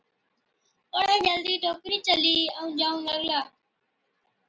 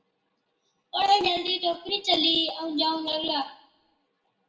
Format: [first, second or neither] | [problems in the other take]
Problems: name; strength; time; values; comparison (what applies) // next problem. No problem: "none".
first | room echo; dies away in 0.6 s